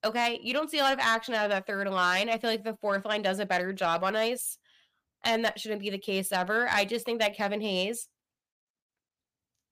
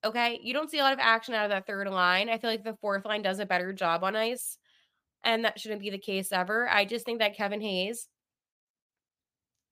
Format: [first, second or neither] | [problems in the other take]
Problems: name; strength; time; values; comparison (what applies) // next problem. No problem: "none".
second | distortion; slight; 10 dB below the speech